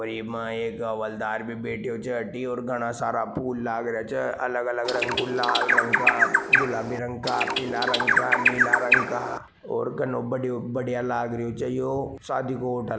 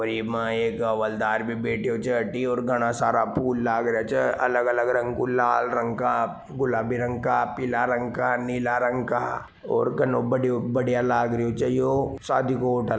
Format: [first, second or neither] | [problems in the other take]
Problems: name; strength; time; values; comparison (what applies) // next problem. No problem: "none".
second | background sound (Bird); 5 dB above the speech